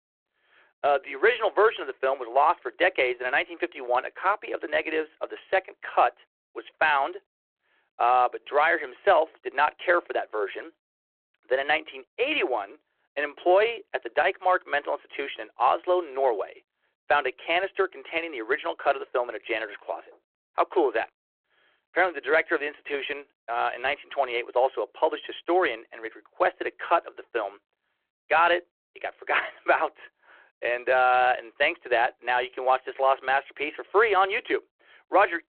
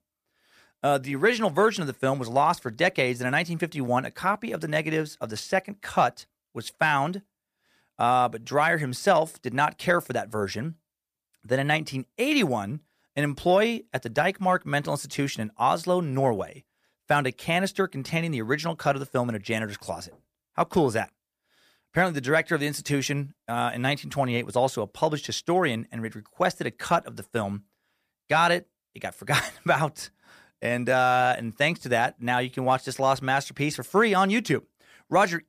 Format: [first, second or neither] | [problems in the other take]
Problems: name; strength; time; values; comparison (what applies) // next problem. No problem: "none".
second | phone-call audio